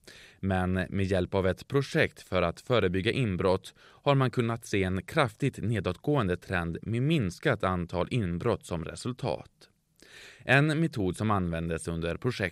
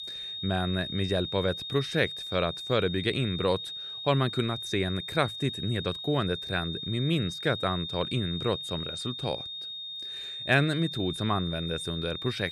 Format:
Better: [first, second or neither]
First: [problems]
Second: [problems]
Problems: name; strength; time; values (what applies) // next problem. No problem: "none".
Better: first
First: none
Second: high-pitched whine; loud; throughout; 3.5 kHz, 5 dB below the speech